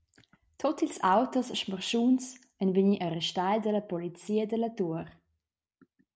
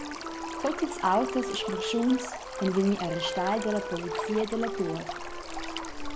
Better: first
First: none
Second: background sound (Stream + Wind instrument, woodwind instrument); 4 dB below the speech

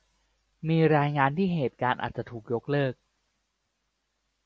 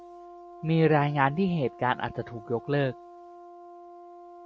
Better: first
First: none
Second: background sound (Brass instrument); 18 dB below the speech

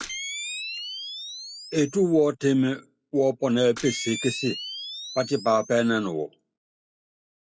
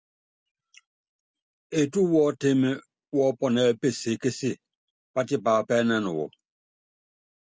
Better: second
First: noise reduction (classical method log-MMSE)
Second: none

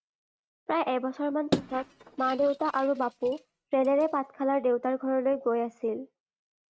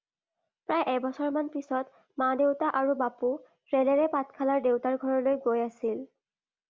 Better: second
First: noise reduction (neural mask model RNNoise)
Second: none

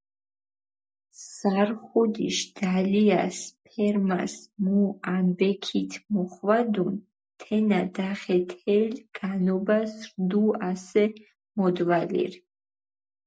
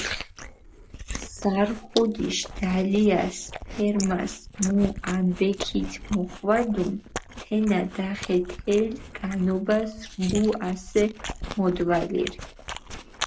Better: first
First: none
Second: noise reduction (neural mask model Resemble Enhance denoiser)

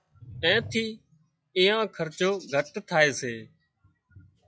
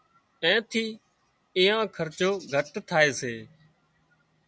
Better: second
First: noise reduction (classical method log-MMSE)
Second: none

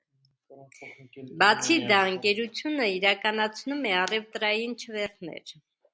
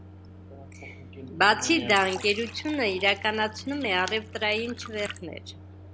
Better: first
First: none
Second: background sound (Fill (with liquid) + Microwave oven); 15 dB below the speech

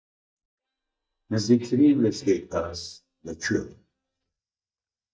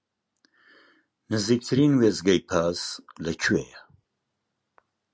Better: second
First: noise reduction (neural mask model DeepFilterNet 3)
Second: none

